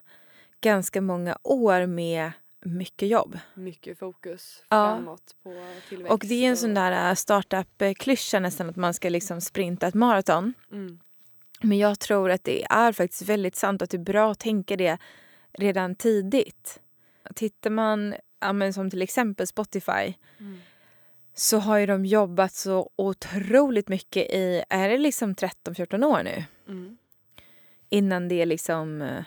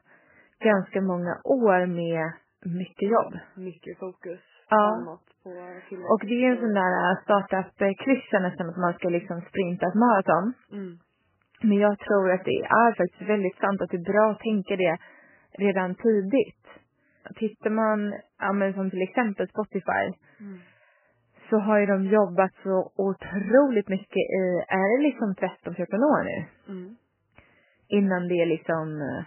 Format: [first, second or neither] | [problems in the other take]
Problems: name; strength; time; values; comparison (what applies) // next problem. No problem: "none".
first | garbled, watery; badly; nothing above 3 kHz